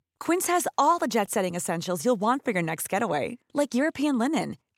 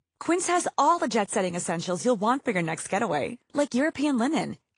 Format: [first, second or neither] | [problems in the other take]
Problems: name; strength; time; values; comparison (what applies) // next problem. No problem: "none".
first | garbled, watery; slightly; nothing above 10 kHz